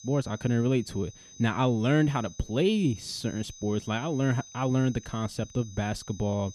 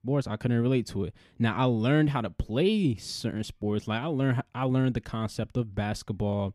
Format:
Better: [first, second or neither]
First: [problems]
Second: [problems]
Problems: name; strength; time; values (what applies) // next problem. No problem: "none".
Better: second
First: high-pitched whine; noticeable; throughout; 6 kHz, 20 dB below the speech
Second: none